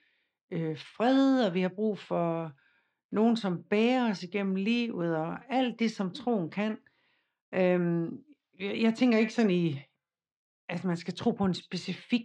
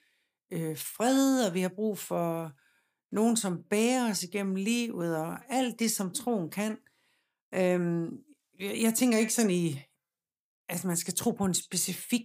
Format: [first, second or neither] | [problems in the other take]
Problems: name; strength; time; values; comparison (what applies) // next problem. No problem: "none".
second | muffled; slightly; fading above 4 kHz